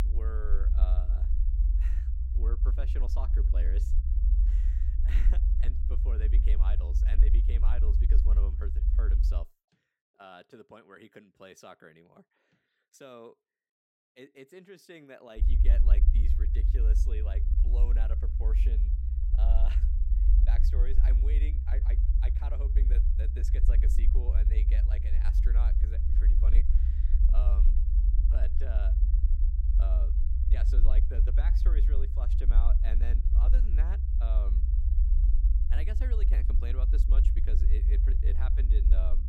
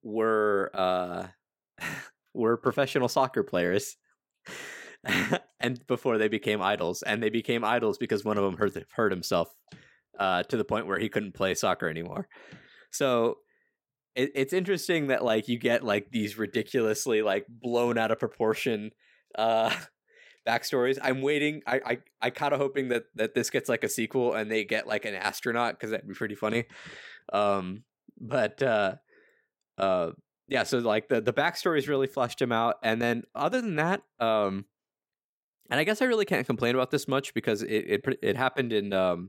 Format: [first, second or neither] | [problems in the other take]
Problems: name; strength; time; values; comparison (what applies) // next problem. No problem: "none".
second | low rumble; loud; until 9.5 s and from 15 s on; 2 dB below the speech